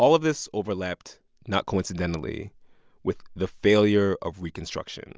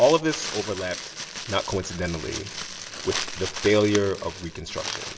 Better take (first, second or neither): first